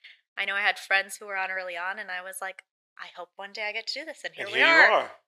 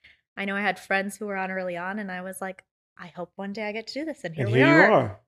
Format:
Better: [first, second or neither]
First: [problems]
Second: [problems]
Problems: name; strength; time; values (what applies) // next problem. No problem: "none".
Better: second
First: thin; very; fading below 750 Hz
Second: none